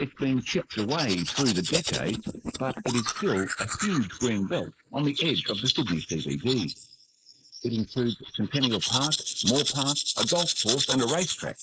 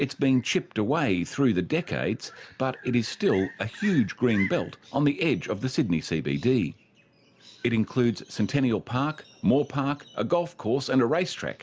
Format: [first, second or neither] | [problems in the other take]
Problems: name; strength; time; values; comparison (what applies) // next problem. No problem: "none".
second | noise reduction (neural mask model Resemble Enhance denoiser)